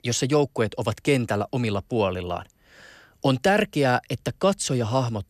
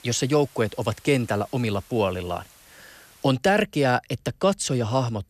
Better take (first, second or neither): first